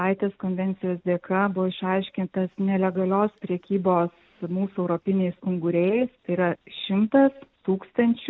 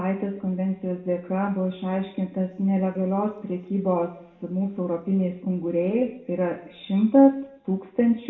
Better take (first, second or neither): first